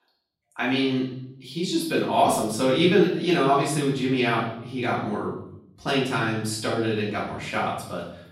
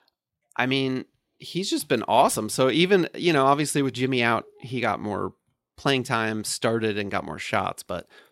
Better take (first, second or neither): second